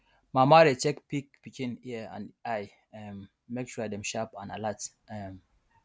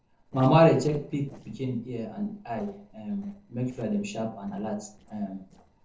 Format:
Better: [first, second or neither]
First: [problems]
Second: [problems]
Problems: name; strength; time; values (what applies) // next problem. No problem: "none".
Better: first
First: none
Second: noise reduction (neural separator model SepFormer DNS4)